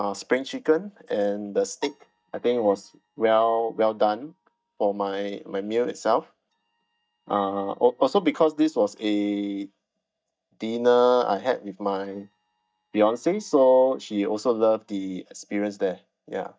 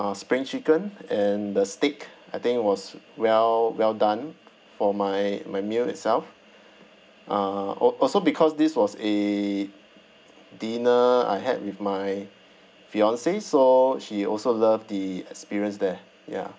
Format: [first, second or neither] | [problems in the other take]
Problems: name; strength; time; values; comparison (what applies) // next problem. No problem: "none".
second | noise reduction (neural mask model DeepFilterNet 3)